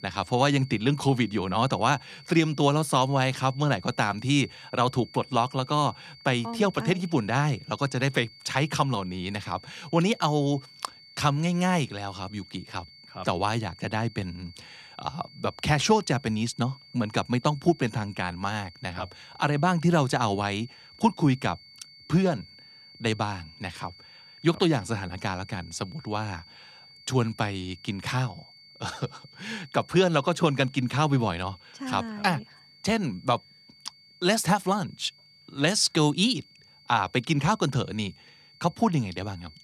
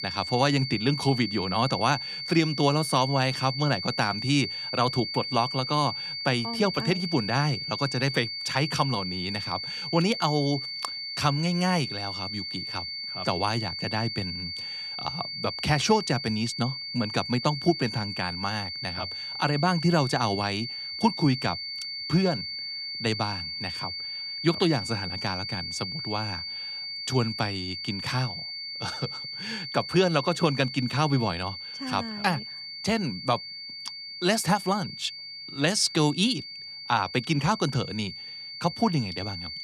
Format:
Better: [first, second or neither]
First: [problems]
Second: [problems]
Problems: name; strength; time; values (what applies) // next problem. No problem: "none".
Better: first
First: high-pitched whine; faint; throughout; 4.5 kHz, 25 dB below the speech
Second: high-pitched whine; loud; throughout; 4.5 kHz, 5 dB below the speech